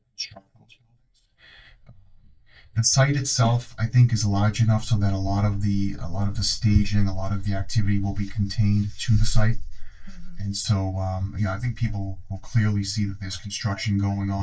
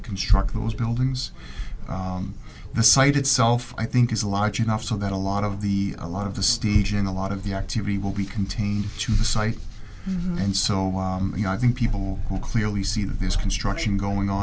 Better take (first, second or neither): second